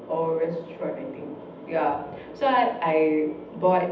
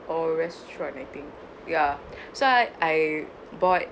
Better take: second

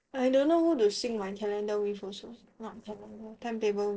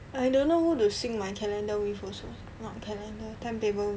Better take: second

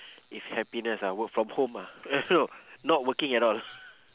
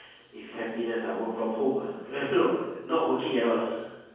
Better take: first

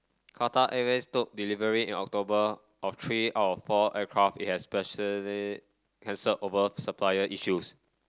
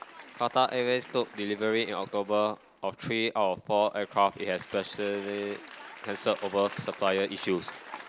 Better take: first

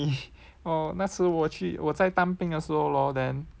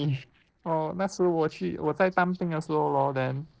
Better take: first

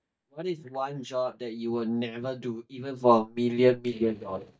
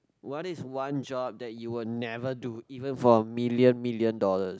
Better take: second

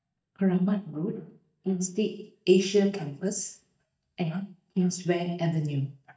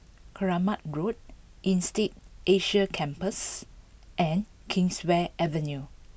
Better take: second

